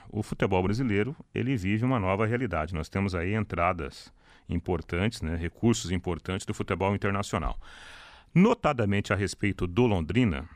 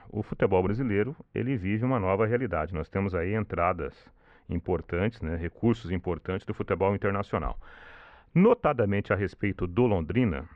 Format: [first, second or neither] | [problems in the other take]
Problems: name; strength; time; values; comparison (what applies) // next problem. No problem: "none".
first | muffled; very; fading above 2 kHz